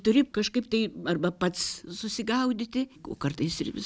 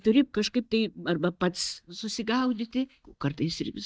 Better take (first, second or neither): first